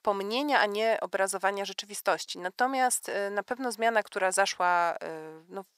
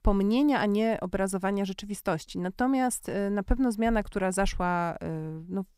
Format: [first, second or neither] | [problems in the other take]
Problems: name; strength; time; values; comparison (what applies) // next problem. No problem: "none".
second | thin; very; fading below 650 Hz